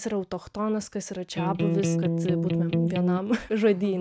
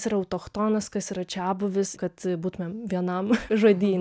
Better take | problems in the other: second | background sound (Electric guitar); 3 dB above the speech

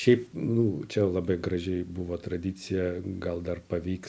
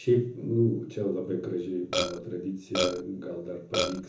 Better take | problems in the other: first | background sound (Burping, eructation); as loud as the speech // room echo; dies away in 0.6 s

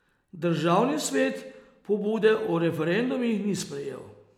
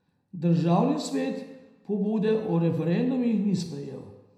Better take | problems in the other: first | room echo; dies away in 0.8 s

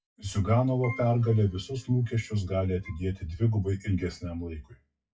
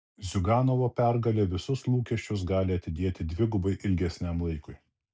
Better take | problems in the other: second | noise reduction (classical method WPE with log-MMSE)

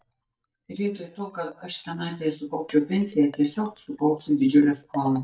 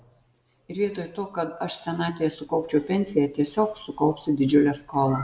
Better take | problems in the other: second | noise reduction (neural mask model DeepFilterNet 3)

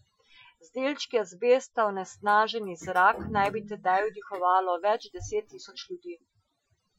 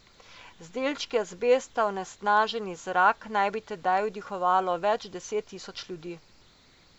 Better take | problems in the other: second | noise reduction (classical method Wiener filter)

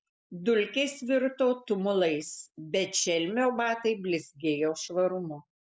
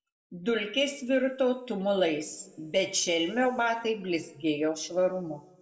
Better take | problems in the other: first | room echo; dies away in 0.6 s

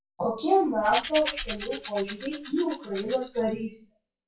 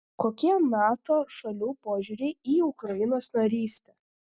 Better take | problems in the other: second | noise reduction (classical method WPE with log-MMSE)

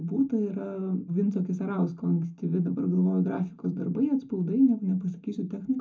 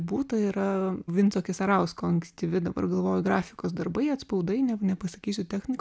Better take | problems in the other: second | room echo; dies away in 0.3 s

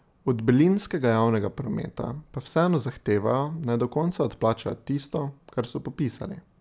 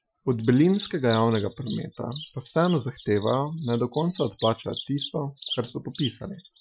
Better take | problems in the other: first | noise reduction (classical method Wiener filter)

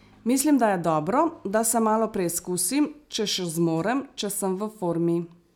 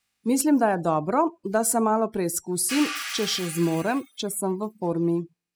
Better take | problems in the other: first | noise reduction (classical method spectral subtraction)

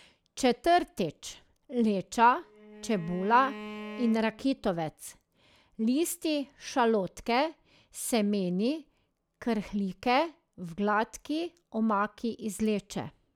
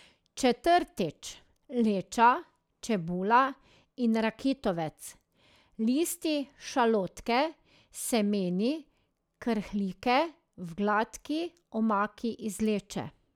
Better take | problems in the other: second | background sound (Bowed string instrument); 15 dB below the speech

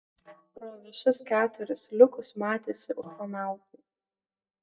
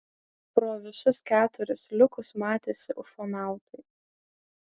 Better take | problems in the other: second | noise reduction (neural mask model DeepFilterNet 3)

